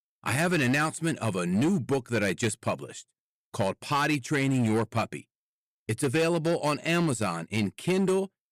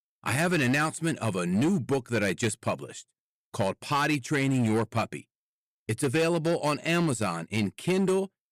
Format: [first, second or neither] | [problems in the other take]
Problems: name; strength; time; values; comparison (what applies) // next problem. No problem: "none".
neither | distortion; slight; 8% of the sound clipped; the same in both